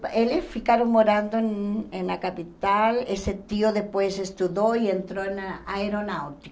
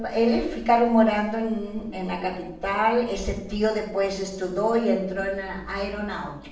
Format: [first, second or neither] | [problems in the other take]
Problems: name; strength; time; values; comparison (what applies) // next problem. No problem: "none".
first | room echo; dies away in 0.6 s